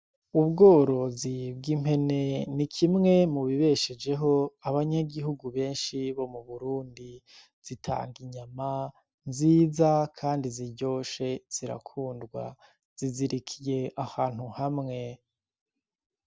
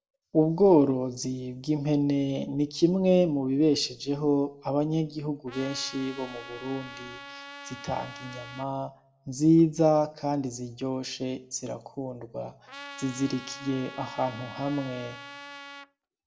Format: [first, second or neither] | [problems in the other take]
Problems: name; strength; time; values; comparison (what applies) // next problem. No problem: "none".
first | background sound (Trumpet); 16 dB below the speech // room echo; dies away in 0.4 s